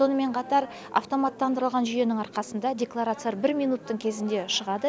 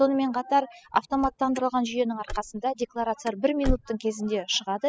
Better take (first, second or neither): first